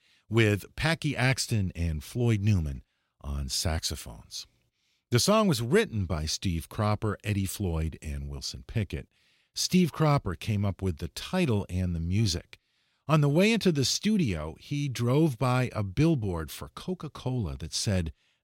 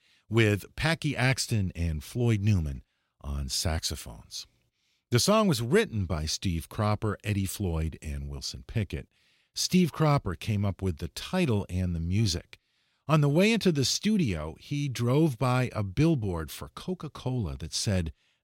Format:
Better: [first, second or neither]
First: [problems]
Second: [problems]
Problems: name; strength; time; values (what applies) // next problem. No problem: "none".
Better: neither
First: none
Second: none